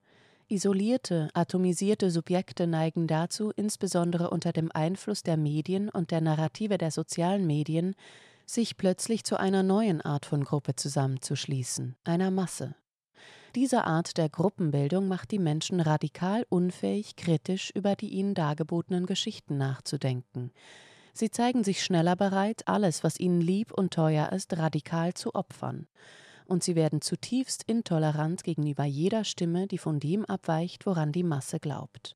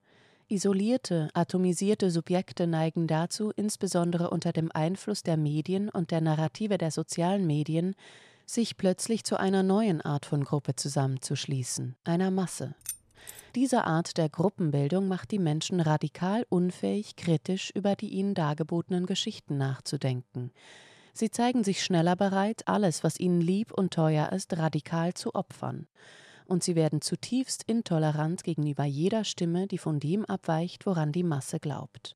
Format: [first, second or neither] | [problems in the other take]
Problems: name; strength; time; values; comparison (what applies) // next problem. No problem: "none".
first | jangling keys; noticeable; at 13 s; peak 10 dB below the speech